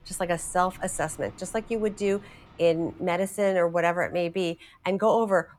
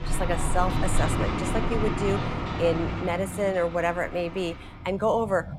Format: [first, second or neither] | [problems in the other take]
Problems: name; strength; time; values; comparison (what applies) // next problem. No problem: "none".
first | traffic noise; loud; throughout; 2 dB below the speech; faint in the first